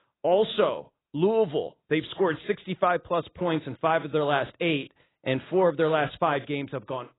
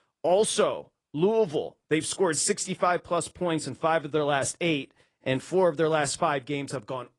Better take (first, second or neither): second